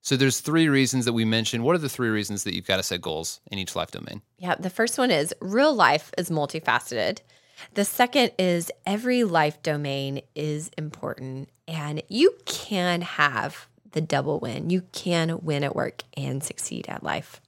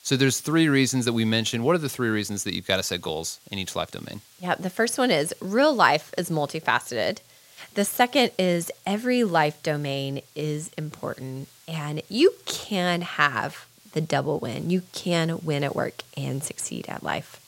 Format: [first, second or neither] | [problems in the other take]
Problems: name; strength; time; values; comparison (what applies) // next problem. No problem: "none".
first | hiss; faint; throughout; 25 dB below the speech